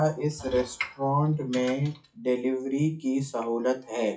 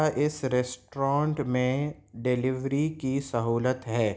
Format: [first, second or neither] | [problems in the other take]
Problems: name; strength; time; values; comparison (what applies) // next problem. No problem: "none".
second | noise reduction (classical method WPE with log-MMSE)